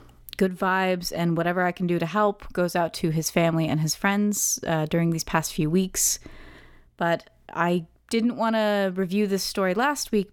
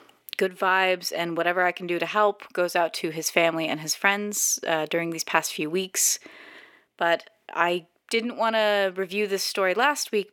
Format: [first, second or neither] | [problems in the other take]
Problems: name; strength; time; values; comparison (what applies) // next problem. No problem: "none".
first | thin; somewhat; fading below 400 Hz